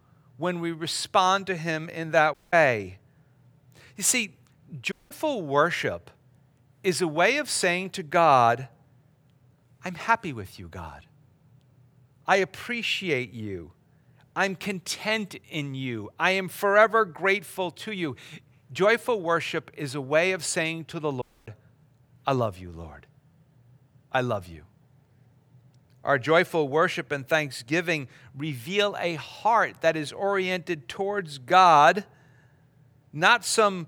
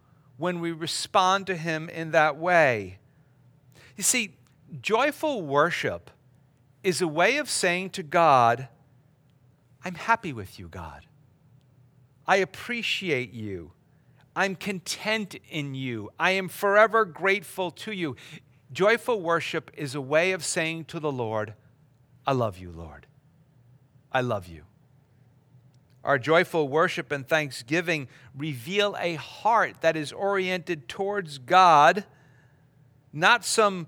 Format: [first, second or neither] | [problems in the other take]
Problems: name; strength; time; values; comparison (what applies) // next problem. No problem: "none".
second | audio cutting out; at 2.5 s, at 5 s and at 21 s